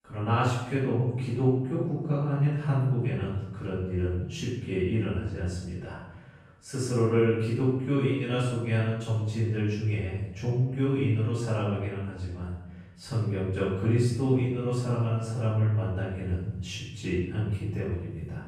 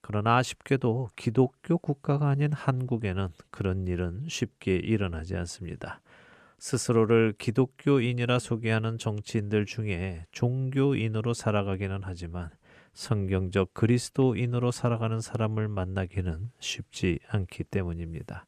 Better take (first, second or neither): second